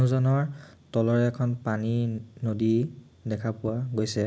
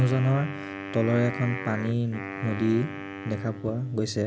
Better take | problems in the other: first | background sound (Wind instrument, woodwind instrument); 10 dB below the speech

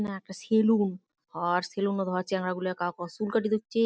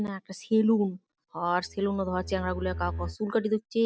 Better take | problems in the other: first | background sound (Bowed string instrument); 9 dB below the speech

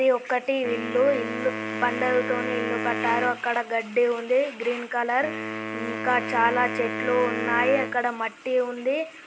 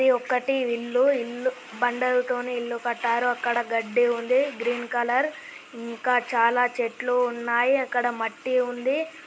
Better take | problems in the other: second | background sound (Wind instrument, woodwind instrument); 7 dB below the speech

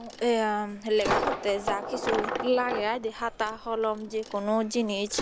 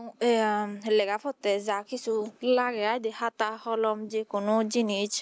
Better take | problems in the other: second | background sound (Coin (dropping)); 6 dB below the speech

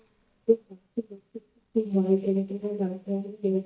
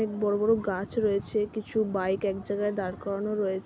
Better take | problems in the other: second | noise reduction (neural mask model DeepFilterNet 3)

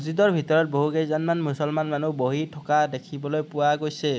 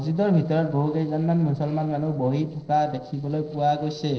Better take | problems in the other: first | noise reduction (neural separator model SepFormer DNS4)

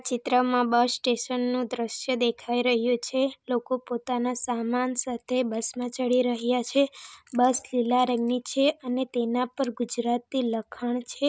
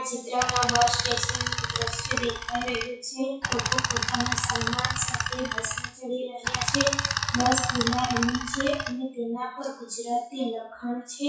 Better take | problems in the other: first | noise reduction (classical method WPE with log-MMSE)

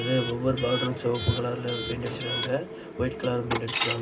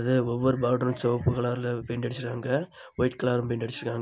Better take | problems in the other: second | background sound (Coin (dropping) / Alarm); 5 dB below the speech // room echo; dies away in 0.2 s

